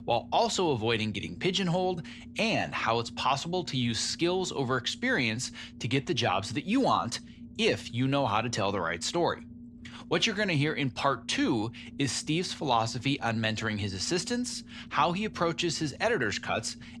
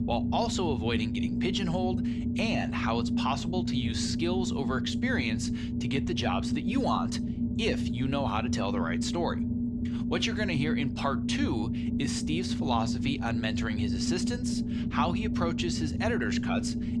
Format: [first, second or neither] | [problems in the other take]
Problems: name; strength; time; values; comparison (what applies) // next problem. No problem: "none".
first | low rumble; loud; throughout; 5 dB below the speech; faint in the first